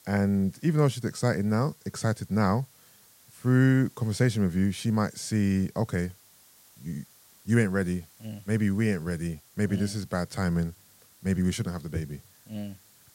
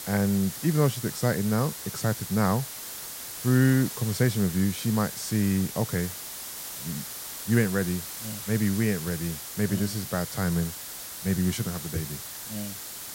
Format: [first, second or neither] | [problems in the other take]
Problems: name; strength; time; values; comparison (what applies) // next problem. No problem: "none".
first | hiss; loud; throughout; 8 dB below the speech; faint in the first